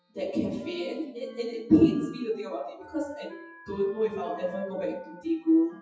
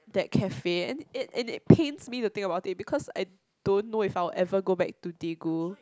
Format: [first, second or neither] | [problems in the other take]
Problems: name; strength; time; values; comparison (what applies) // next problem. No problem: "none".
second | noise reduction (classical method WPE with log-MMSE)